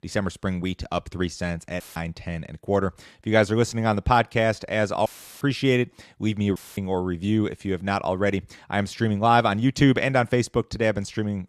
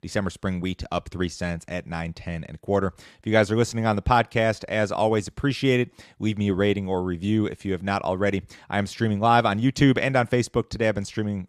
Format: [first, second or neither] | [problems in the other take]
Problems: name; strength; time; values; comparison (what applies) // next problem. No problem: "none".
second | audio cutting out; filled with static; at 2 s, at 5 s and at 6.5 s